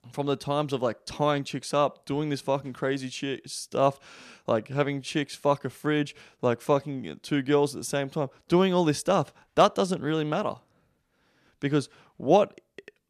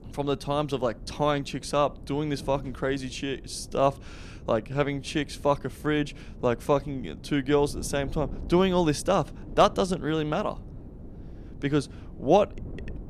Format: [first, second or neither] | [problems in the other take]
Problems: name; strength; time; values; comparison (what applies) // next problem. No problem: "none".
first | wind noise on the microphone; occasional gusts; 25 dB below the speech